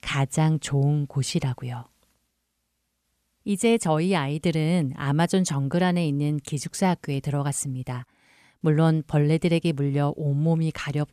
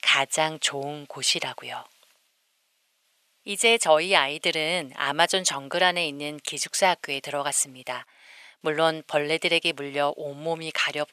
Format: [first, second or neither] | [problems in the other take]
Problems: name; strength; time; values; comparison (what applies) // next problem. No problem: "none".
first | thin; very; fading below 650 Hz